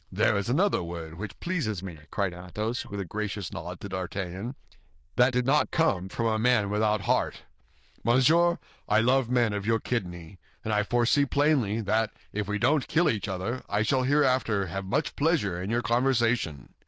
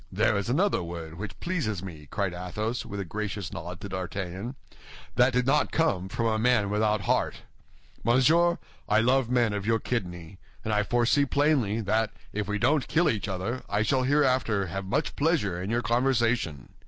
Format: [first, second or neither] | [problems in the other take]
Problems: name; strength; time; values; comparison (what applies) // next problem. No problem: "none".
second | noise reduction (neural diffusion model UNIVERSE++)